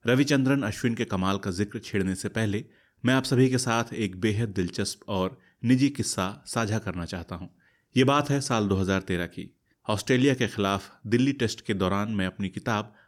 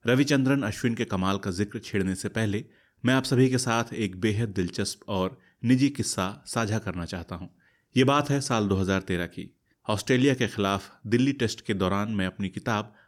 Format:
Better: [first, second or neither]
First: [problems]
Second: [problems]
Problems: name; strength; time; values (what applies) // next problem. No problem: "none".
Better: neither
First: none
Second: none